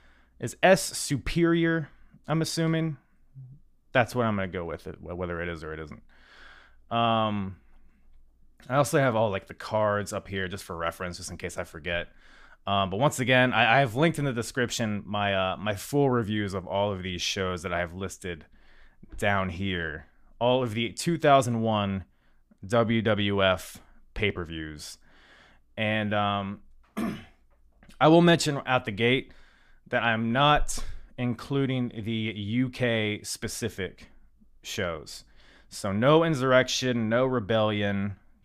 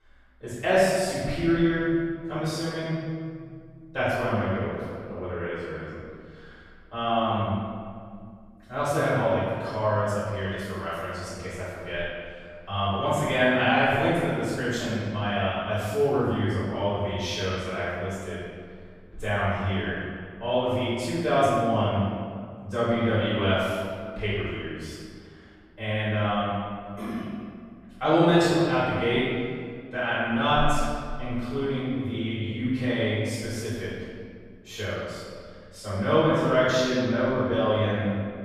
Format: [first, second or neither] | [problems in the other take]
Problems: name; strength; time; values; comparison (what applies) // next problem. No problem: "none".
first | off-mic speech; far // room echo; strong; dies away in 1.8 s